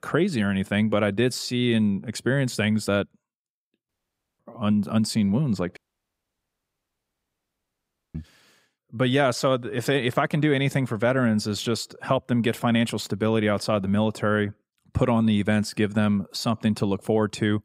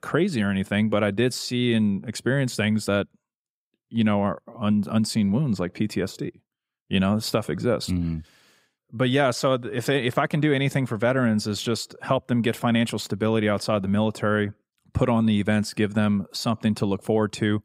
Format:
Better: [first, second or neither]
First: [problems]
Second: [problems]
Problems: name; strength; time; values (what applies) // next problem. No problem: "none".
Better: second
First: audio cutting out; at 4 s and at 6 s for 2.5 s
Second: none